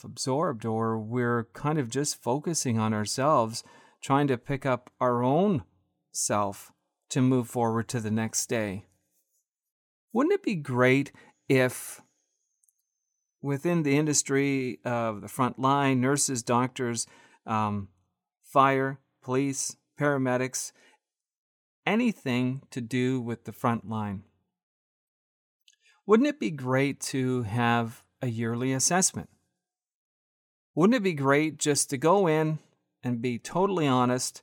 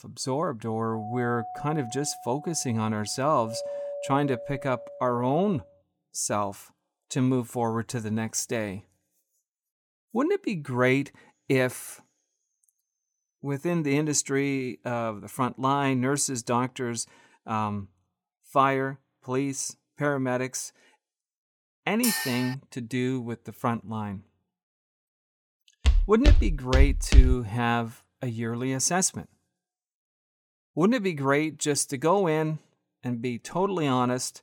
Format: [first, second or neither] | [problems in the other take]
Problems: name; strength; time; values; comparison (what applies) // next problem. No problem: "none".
first | doorbell; noticeable; from 1 to 5.5 s; peak 6 dB below the speech // clattering dishes; loud; at 22 s; peak 1 dB above the speech // footsteps; loud; from 26 to 27 s; peak 6 dB above the speech